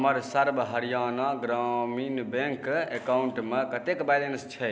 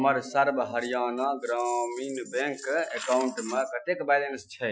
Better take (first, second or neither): first